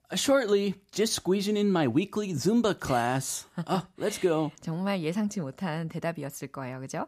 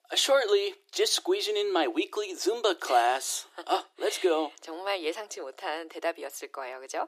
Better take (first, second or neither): first